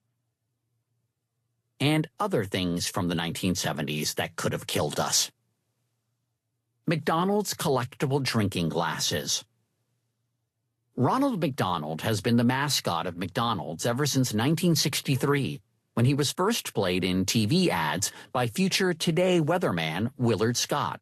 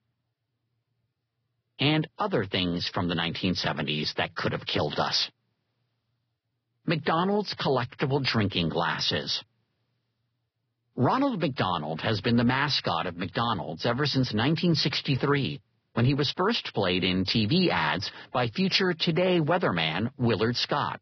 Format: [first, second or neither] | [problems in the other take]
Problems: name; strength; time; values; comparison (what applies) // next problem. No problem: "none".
first | garbled, watery; badly; nothing above 5.5 kHz; slightly in the first